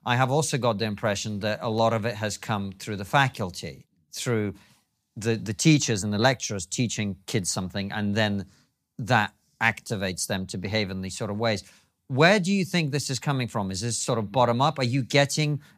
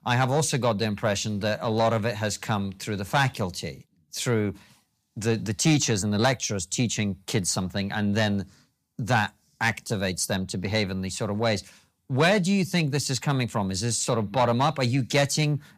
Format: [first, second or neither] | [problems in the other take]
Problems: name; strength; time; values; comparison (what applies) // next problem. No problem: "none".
first | distortion; slight; 10 dB below the speech